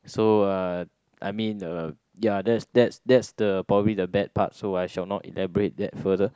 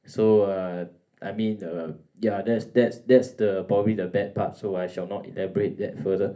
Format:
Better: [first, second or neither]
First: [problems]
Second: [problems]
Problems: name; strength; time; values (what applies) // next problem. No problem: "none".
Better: first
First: none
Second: room echo; dies away in 0.3 s